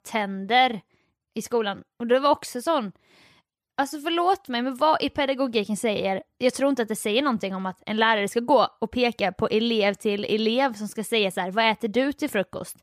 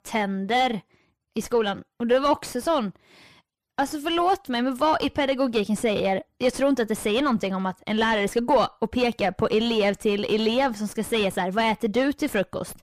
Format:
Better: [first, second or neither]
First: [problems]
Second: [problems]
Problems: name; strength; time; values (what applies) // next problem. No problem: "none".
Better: first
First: none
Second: distortion; slight; 10 dB below the speech